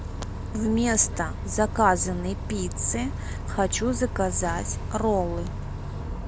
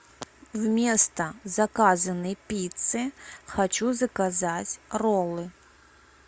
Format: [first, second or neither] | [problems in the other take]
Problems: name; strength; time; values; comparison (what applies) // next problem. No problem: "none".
second | background sound (Bus); 5 dB below the speech